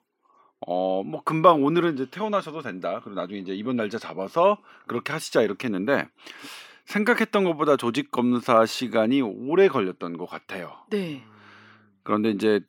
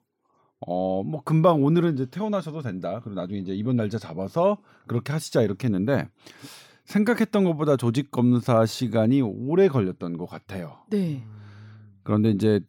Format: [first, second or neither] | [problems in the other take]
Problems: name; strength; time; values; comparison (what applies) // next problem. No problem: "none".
second | thin; very slightly; fading below 300 Hz